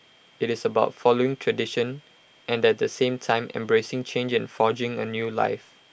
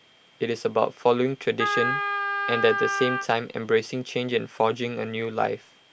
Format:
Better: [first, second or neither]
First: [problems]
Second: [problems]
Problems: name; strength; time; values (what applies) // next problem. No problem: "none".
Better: first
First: none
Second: background sound (Wind instrument, woodwind instrument); 1 dB below the speech